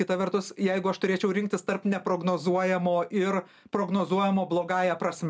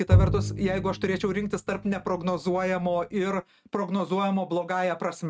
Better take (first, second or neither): first